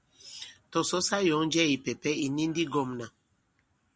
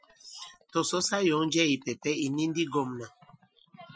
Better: first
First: none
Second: noise reduction (classical method Wiener filter)

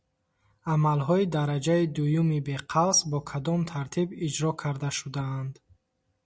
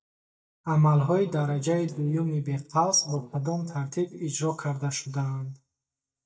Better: first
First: none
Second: noise reduction (neural mask model DeepFilterNet 3)

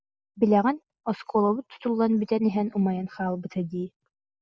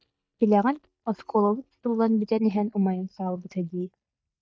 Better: first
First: none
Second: noise reduction (neural mask model DeepFilterNet 3)

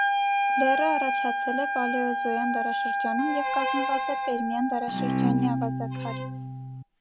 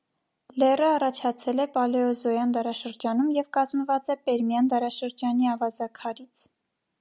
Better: second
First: background sound (Wind instrument, woodwind instrument + Bowed string instrument); 4 dB above the speech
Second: none

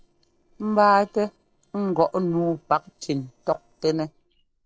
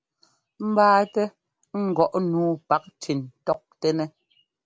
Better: second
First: noise reduction (neural separator model SepFormer DNS4)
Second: none

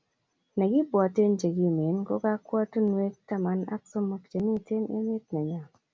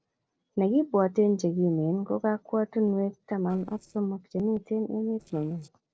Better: first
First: none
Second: noise reduction (neural separator model SepFormer DNS4)

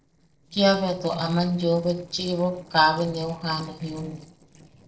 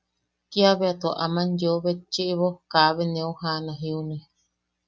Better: second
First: noise reduction (neural separator model SepFormer DNS4)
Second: none

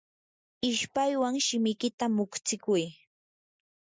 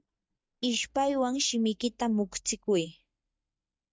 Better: first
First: none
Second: noise reduction (neural mask model DeepFilterNet 3)

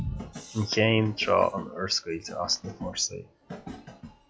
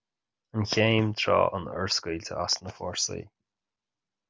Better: second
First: noise reduction (classical method log-MMSE)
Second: none

